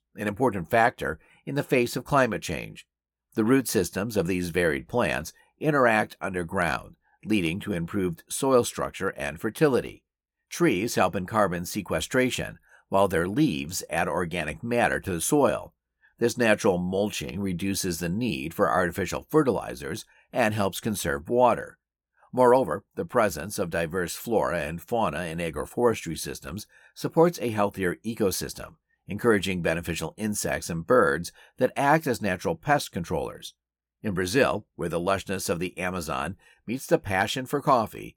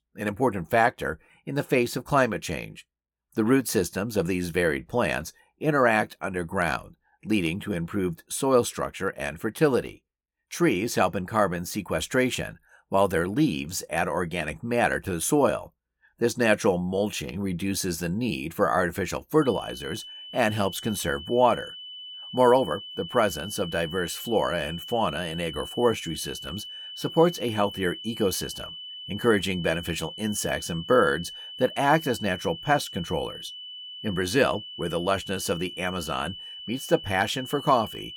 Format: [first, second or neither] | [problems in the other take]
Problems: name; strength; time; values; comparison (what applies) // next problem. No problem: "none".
first | high-pitched whine; noticeable; from 19 s on; 3 kHz, 10 dB below the speech